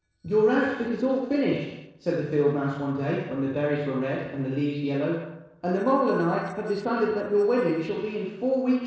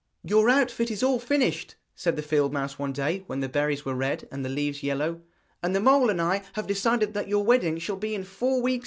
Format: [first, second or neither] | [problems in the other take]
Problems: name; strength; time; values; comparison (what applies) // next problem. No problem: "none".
second | noise reduction (neural separator model SepFormer DNS4)